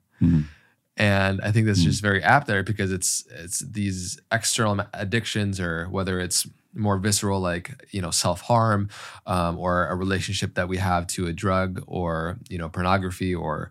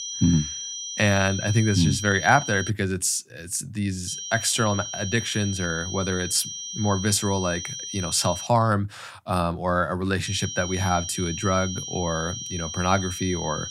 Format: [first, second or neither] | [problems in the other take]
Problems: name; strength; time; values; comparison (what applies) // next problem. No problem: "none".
first | high-pitched whine; loud; until 2.5 s, from 4 to 8.5 s and from 10 s on; 6 kHz, 7 dB below the speech